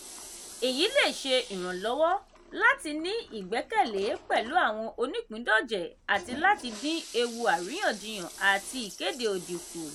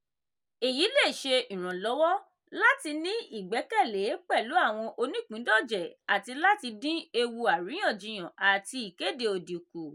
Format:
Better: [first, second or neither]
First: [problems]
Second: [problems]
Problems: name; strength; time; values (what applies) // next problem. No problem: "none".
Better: second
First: background sound (Toilet flush); 16 dB below the speech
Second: none